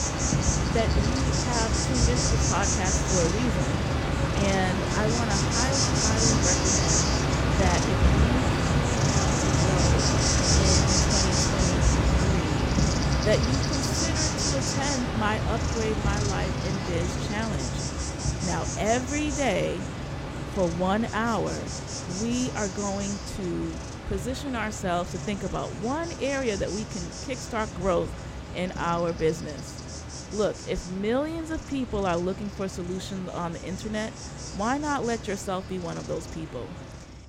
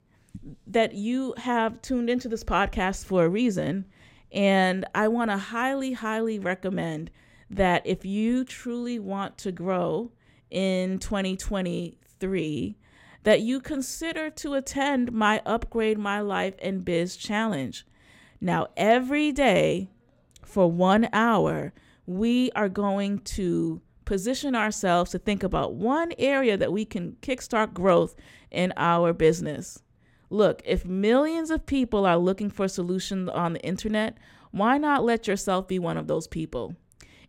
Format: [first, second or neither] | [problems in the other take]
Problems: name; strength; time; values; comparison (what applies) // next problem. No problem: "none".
second | animal sounds; very loud; throughout; 5 dB above the speech